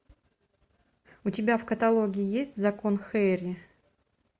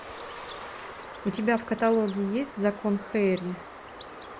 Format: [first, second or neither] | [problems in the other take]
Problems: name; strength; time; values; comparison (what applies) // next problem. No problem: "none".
first | background sound (Bird); 13 dB below the speech